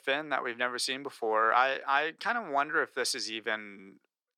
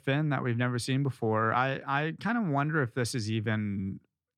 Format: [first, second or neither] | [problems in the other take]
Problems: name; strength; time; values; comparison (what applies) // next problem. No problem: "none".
second | thin; very; fading below 450 Hz